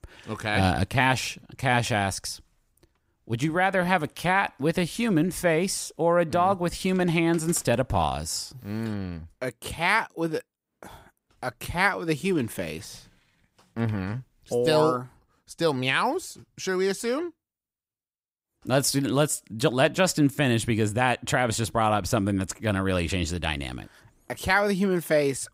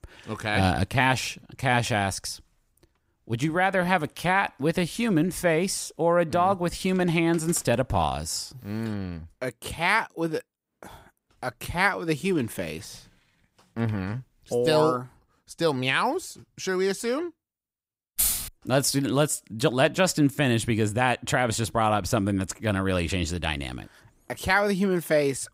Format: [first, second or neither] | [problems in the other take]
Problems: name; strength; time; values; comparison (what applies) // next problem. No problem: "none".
first | jangling keys; loud; at 18 s; peak 2 dB above the speech